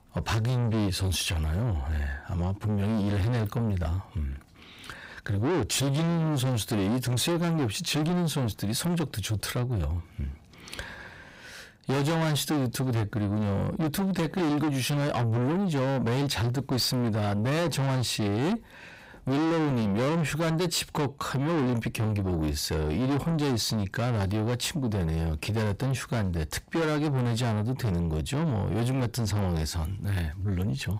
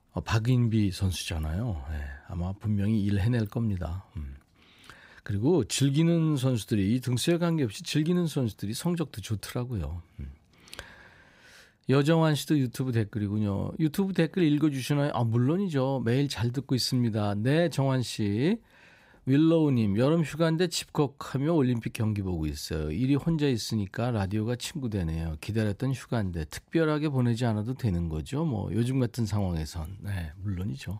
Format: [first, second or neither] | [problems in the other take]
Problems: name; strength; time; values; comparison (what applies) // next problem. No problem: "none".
second | distortion; heavy; 6 dB below the speech